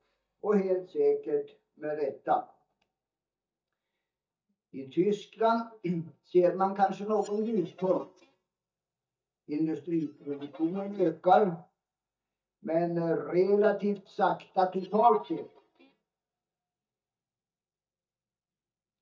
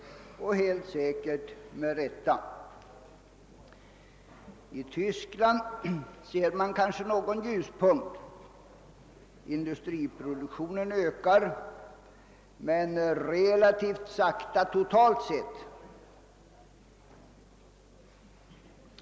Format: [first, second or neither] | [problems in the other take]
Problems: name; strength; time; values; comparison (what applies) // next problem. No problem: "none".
second | noise reduction (neural mask model DeepFilterNet 3)